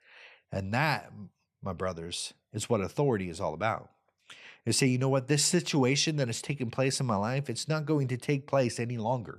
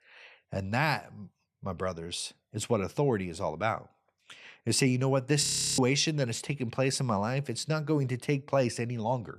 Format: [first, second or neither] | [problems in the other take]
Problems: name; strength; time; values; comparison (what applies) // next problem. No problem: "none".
first | audio freezing; at 5.5 s